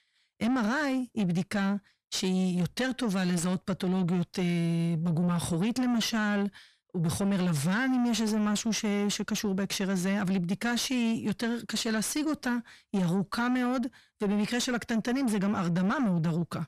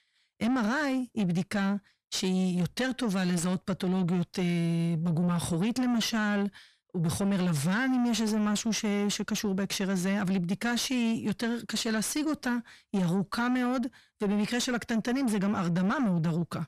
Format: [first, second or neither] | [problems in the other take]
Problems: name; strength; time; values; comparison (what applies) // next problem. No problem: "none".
neither | distortion; slight; 10 dB below the speech; the same in both